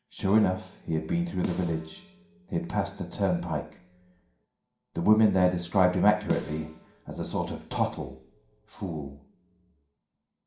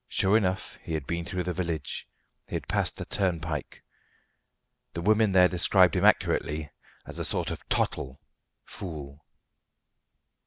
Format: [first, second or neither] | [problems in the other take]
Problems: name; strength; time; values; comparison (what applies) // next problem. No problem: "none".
second | background sound (Snare drum); 14 dB below the speech // room echo; dies away in 0.5 s